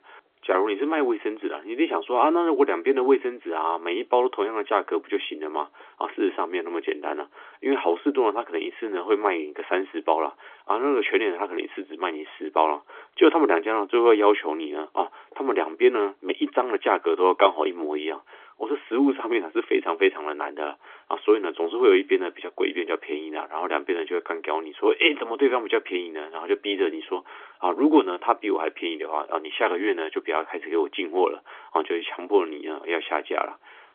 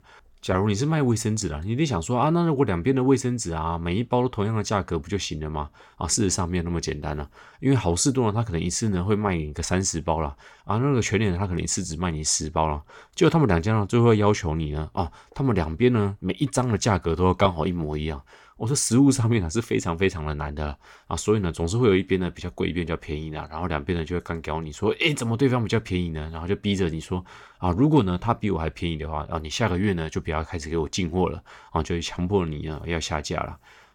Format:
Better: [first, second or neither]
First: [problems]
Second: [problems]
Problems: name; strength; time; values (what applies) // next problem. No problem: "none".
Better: second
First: phone-call audio; nothing above 3.5 kHz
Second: none